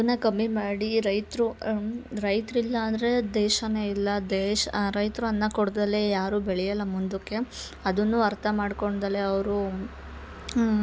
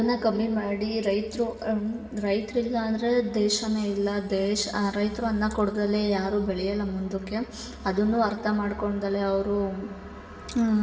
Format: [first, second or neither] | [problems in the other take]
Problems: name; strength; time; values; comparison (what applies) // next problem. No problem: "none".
first | room echo; dies away in 2.4 s